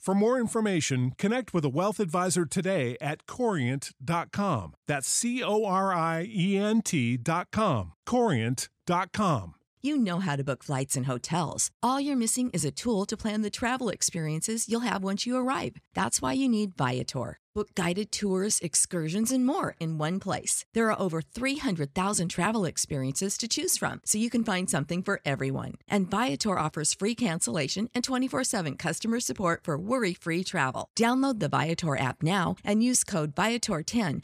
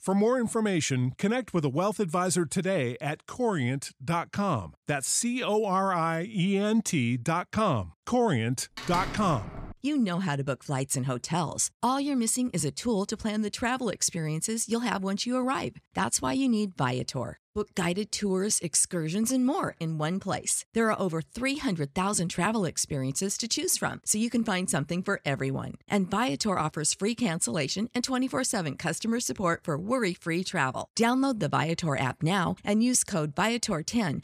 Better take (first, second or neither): first